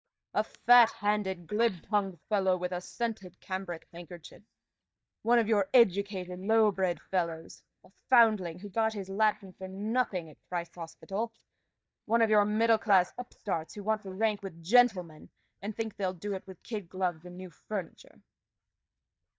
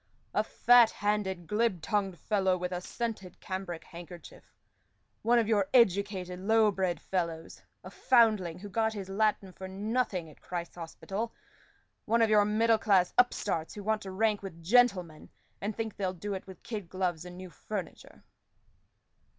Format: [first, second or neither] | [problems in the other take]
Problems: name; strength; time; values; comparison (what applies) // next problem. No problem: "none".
second | noise reduction (neural mask model DeepFilterNet 3)